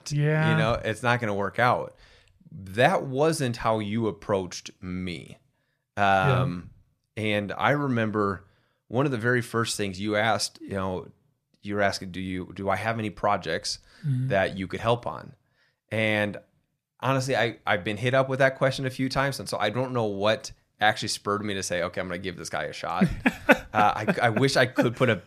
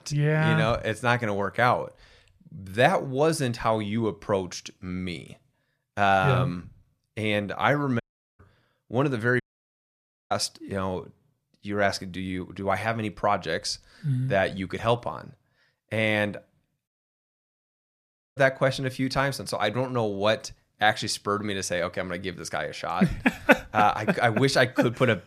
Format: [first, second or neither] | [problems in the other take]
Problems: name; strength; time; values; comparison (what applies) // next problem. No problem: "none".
first | audio cutting out; at 8 s, at 9.5 s for 1 s and at 17 s for 1.5 s